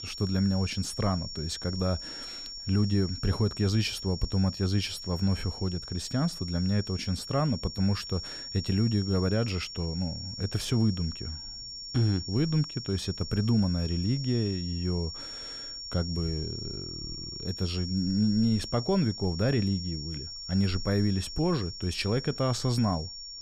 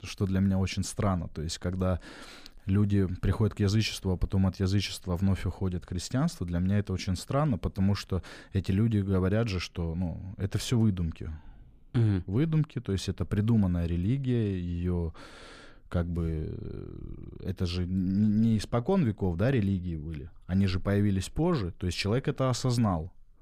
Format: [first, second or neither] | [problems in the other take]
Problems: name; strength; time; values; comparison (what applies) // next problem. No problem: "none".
second | high-pitched whine; loud; throughout; 5.5 kHz, 8 dB below the speech